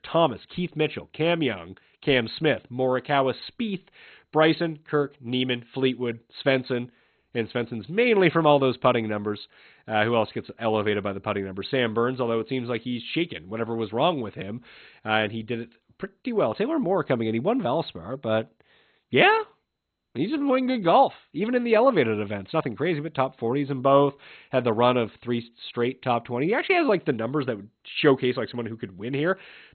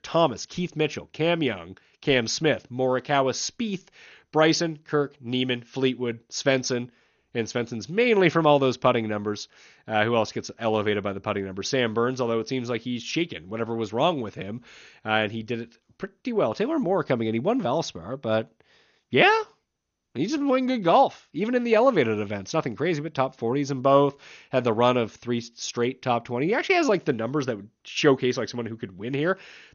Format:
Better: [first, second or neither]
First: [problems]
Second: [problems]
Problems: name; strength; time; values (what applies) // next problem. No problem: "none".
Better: second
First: garbled, watery; badly; nothing above 4 kHz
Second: garbled, watery; slightly; nothing above 6.5 kHz